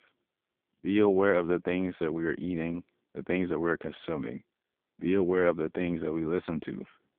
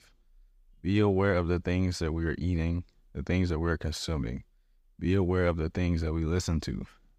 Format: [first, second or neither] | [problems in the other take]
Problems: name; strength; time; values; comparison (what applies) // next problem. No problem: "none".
second | phone-call audio; poor line